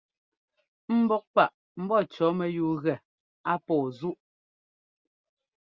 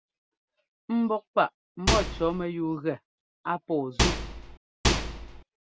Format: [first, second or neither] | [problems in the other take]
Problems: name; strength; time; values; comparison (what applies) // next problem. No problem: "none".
first | background sound (Microwave oven); 4 dB above the speech